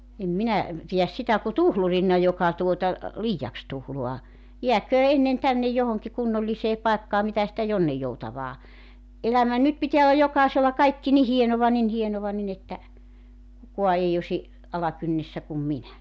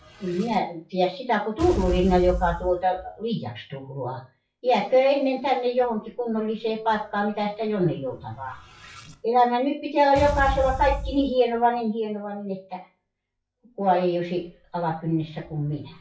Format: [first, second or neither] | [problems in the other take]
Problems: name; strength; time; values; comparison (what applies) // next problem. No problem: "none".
first | noise reduction (classical method WPE with log-MMSE)